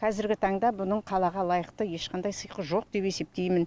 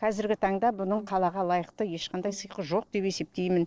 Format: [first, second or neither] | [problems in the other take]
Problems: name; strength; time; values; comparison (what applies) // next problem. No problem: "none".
first | noise reduction (neural separator model SepFormer DNS4)